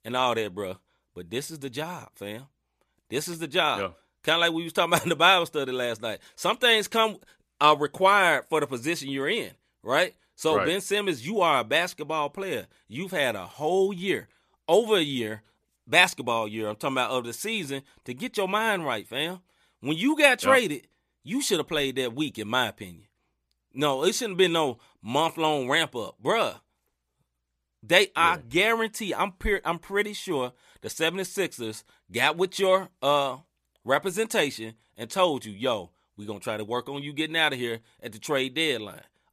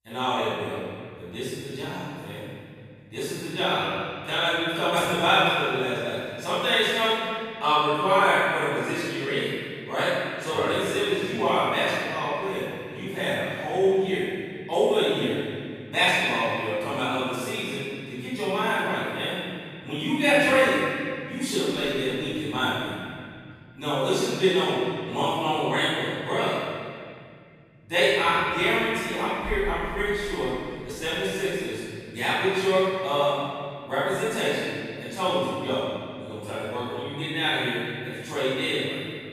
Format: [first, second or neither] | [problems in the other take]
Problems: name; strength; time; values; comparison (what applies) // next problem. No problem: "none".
first | off-mic speech; far // room echo; strong; dies away in 2.6 s